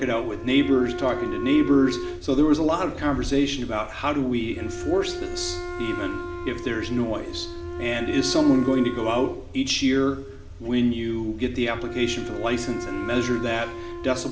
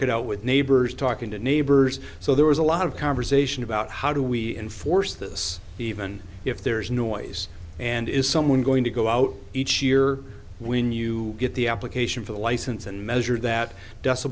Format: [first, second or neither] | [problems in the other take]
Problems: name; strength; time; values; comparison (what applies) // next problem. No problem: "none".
second | background sound (Wind instrument, woodwind instrument); 10 dB below the speech // room echo; dies away in 1.1 s